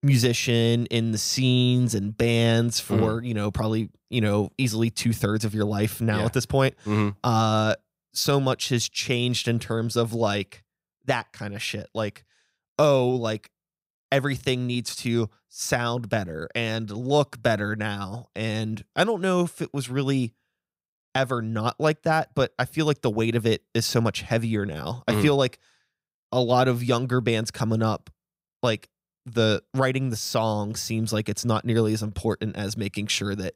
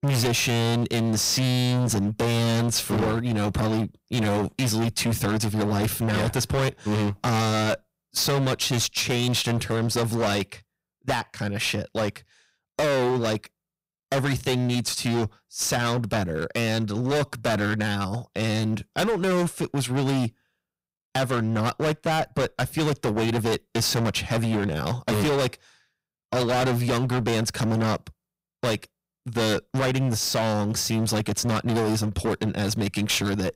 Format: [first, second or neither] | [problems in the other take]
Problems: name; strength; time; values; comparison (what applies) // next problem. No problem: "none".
first | distortion; heavy; 28% of the sound clipped